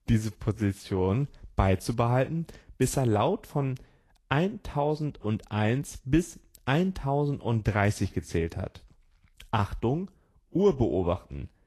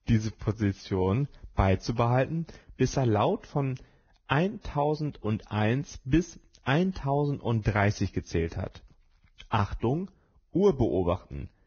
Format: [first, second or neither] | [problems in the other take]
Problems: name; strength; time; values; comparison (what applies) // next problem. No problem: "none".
first | garbled, watery; badly; nothing above 6.5 kHz; slightly in the first